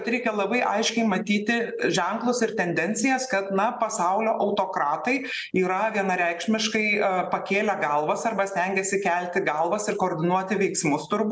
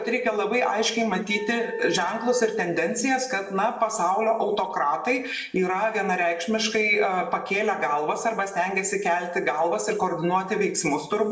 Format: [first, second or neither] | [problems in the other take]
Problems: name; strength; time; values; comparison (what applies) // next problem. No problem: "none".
first | background sound (Wind instrument, woodwind instrument); 17 dB below the speech // room echo; dies away in 0.6 s